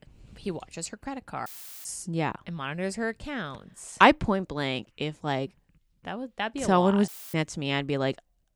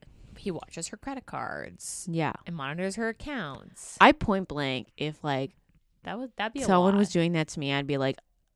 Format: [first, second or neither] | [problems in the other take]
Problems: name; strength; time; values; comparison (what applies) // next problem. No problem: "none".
second | audio cutting out; filled with static; at 1.5 s and at 7 s